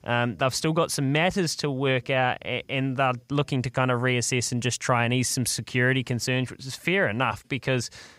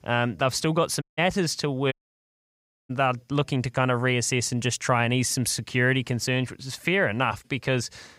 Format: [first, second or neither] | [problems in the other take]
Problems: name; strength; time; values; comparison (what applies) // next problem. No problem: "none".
first | audio cutting out; at 1 s and at 2 s for 1 s